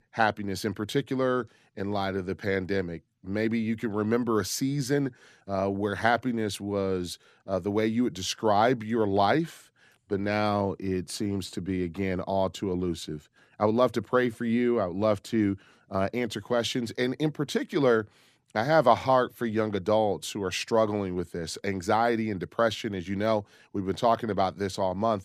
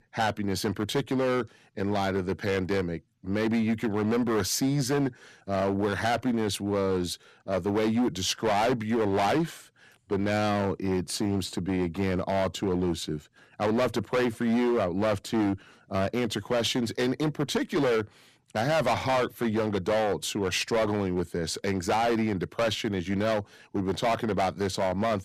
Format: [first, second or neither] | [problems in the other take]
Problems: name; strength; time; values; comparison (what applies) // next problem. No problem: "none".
first | distortion; heavy; 13% of the sound clipped